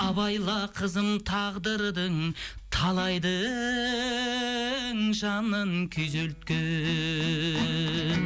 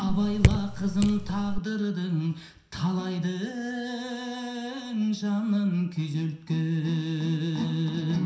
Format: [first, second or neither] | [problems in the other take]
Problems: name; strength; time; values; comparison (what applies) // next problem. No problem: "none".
first | background sound (Raindrop / Drip); 1 dB above the speech // room echo; dies away in 0.7 s